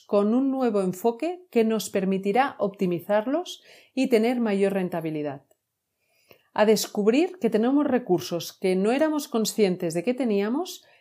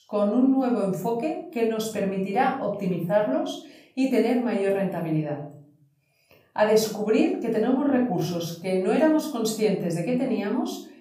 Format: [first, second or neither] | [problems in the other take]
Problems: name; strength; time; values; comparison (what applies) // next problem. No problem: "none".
first | off-mic speech; far // room echo; noticeable; dies away in 0.6 s